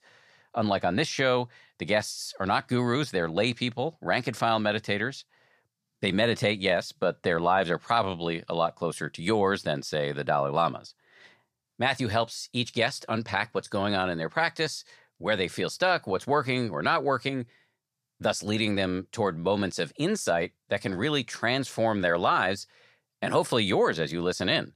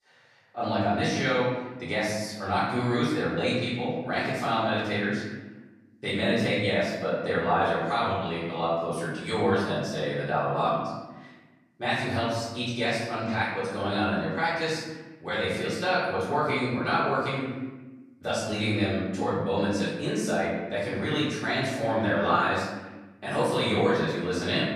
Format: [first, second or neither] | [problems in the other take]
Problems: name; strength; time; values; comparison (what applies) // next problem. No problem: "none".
first | off-mic speech; far // room echo; noticeable; dies away in 1.1 s